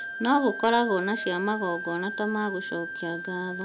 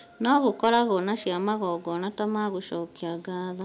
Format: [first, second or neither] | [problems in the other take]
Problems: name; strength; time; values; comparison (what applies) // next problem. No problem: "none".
second | background sound (Wind instrument, woodwind instrument); 8 dB below the speech